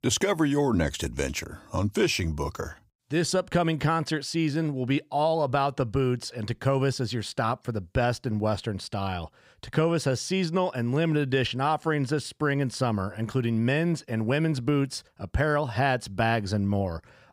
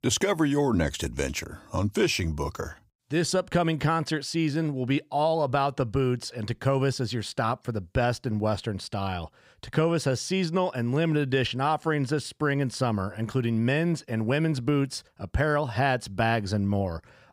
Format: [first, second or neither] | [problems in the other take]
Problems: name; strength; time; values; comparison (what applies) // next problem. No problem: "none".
neither | none